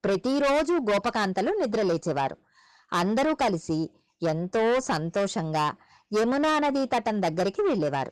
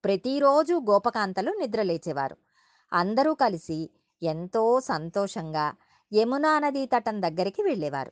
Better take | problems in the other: second | distortion; heavy; 7 dB below the speech

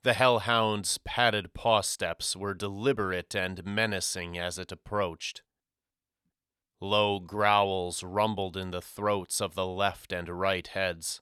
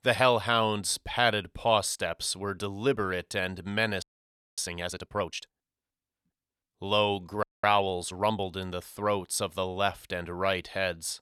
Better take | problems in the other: first | audio freezing; at 4 s for 0.5 s and at 7.5 s

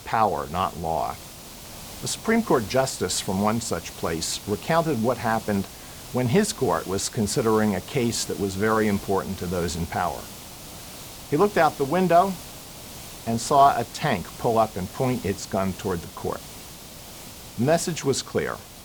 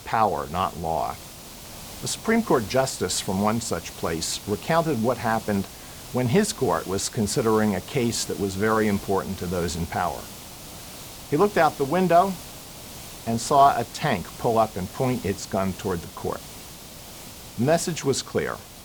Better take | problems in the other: neither | hiss; noticeable; throughout; 15 dB below the speech; the same in both

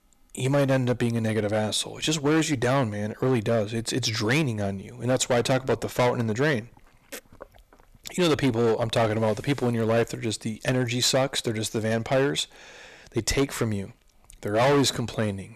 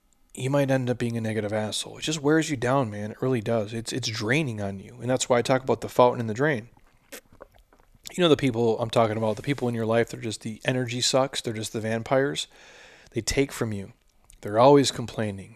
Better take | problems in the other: second | distortion; heavy; 8% of the sound clipped

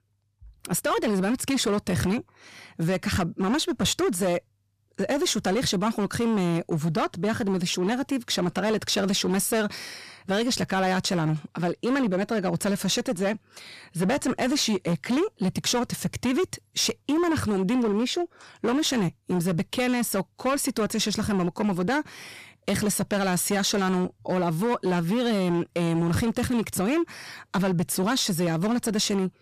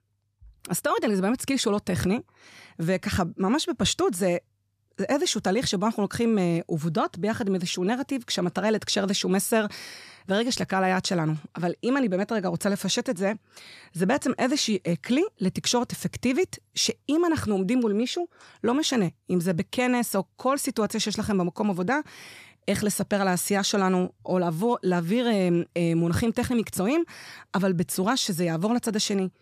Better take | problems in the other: second | distortion; slight; 15% of the sound clipped

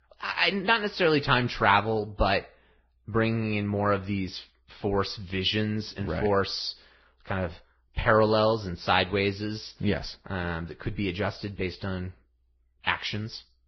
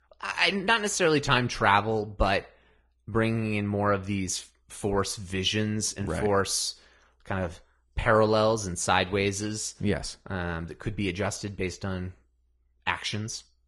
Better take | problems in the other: second | garbled, watery; badly; nothing above 5.5 kHz; slightly in the second

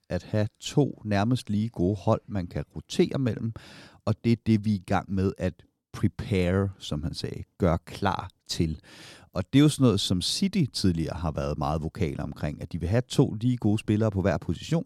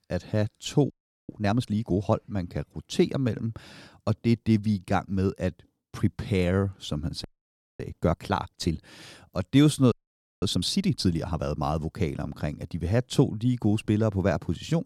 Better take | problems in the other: first | audio freezing; at 1 s, at 7 s for 0.5 s and at 10 s for 0.5 s

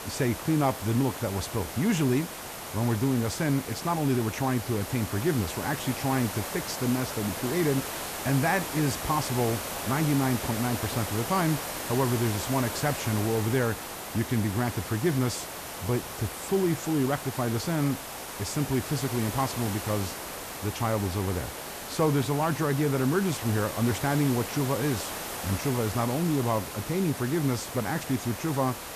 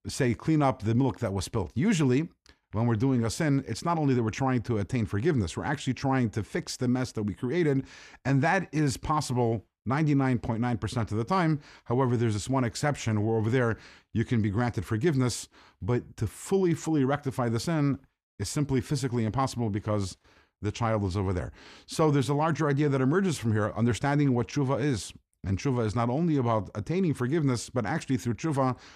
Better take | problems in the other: second | hiss; loud; throughout; 6 dB below the speech

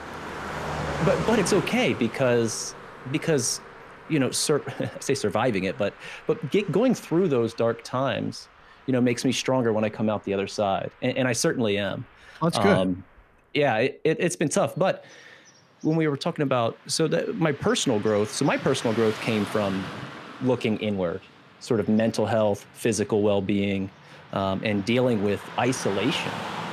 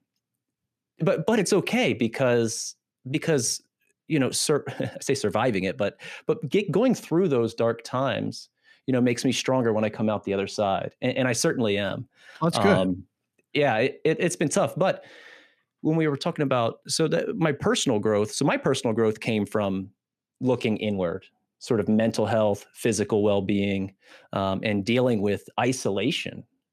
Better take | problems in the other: second | traffic noise; noticeable; throughout; 10 dB below the speech

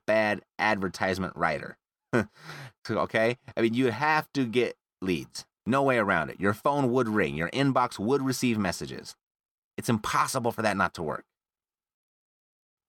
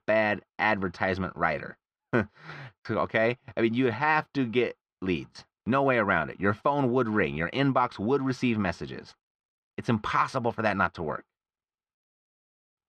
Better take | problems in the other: first | muffled; slightly; fading above 3 kHz

